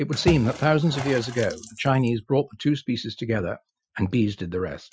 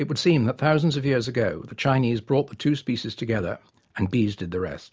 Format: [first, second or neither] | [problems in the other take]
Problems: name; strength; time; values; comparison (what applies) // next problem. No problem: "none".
second | noise reduction (classical method Wiener filter)